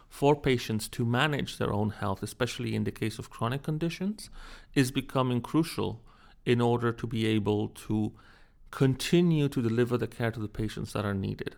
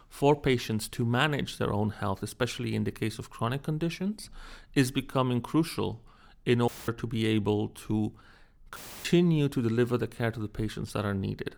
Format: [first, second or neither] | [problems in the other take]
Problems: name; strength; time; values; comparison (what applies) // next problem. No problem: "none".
first | audio cutting out; filled with static; at 6.5 s and at 9 s